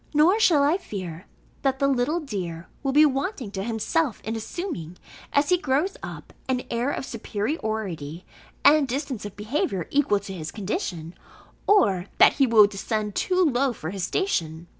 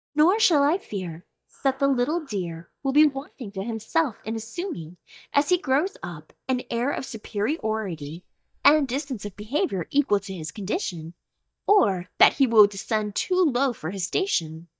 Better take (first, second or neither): first